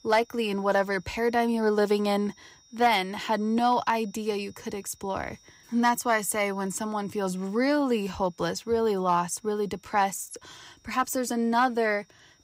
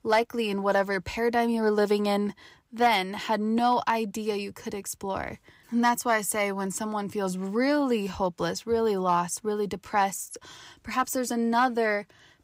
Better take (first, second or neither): second